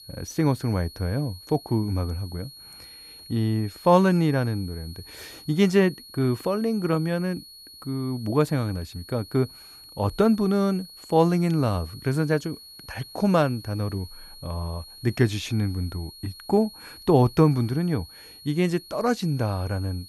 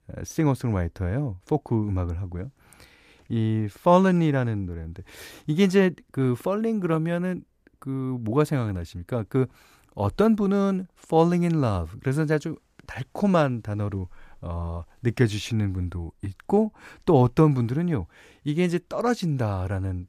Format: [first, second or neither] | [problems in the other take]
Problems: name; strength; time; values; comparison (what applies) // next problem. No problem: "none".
second | high-pitched whine; noticeable; throughout; 4.5 kHz, 20 dB below the speech